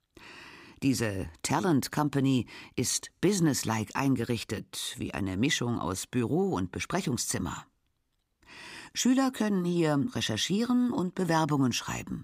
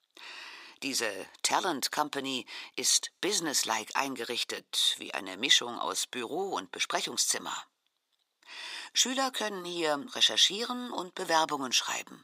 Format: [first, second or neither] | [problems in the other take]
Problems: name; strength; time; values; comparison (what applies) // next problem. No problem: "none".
first | thin; very; fading below 600 Hz